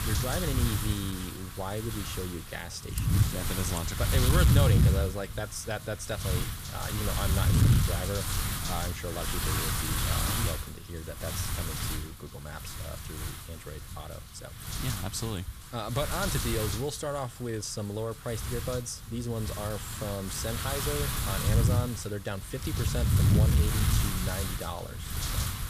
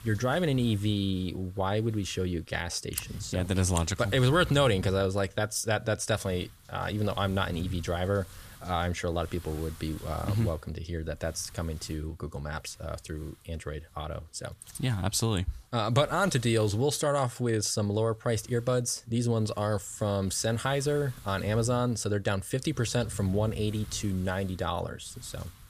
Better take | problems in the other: second | wind noise on the microphone; heavy; 1 dB above the speech; occasional gusts in the second

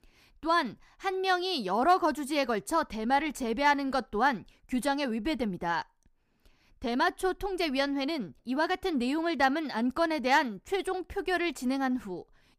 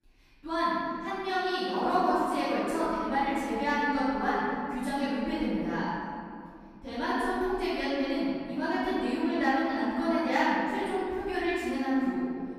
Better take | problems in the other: first | room echo; strong; dies away in 2.4 s // off-mic speech; far

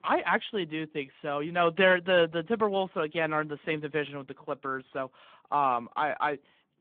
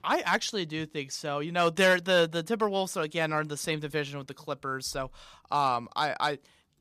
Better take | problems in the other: second | phone-call audio

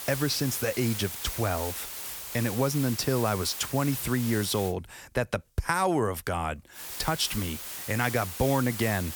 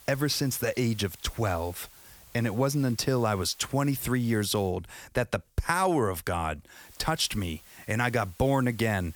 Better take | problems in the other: second | hiss; loud; until 4.5 s and from 7 s on; 7 dB below the speech; faint in the second

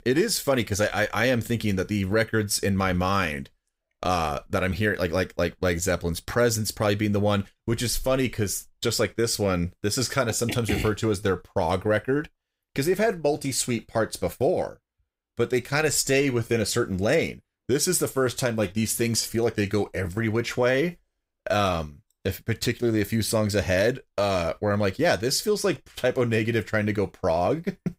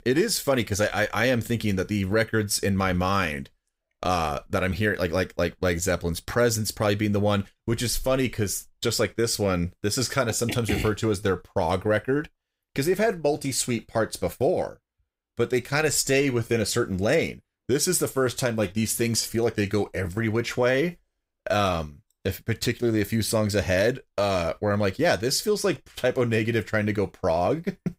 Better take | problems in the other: neither | none

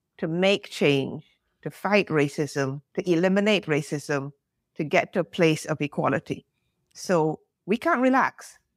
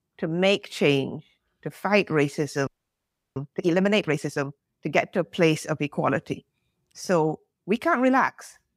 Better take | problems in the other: first | audio freezing; at 2.5 s for 0.5 s

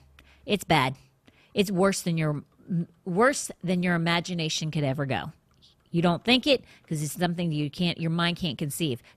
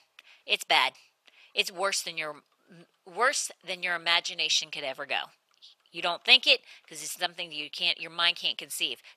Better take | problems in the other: first | thin; very; fading below 750 Hz

